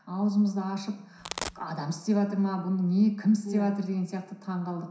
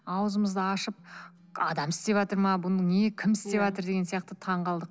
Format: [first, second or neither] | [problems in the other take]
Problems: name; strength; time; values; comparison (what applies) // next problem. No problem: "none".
second | background sound (Domestic sounds, home sounds); 9 dB below the speech // room echo; dies away in 0.7 s